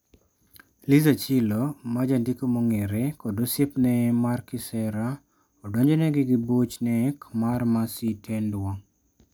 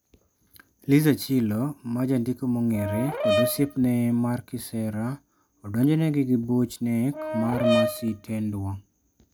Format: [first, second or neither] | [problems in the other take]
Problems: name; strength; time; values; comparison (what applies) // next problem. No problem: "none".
first | background sound (Brass instrument); 3 dB below the speech